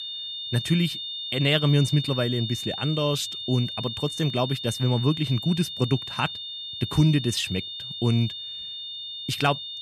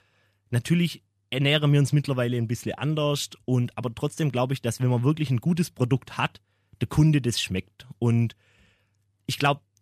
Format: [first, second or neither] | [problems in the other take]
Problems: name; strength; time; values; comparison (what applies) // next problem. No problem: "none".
second | high-pitched whine; loud; throughout; 3.5 kHz, 6 dB below the speech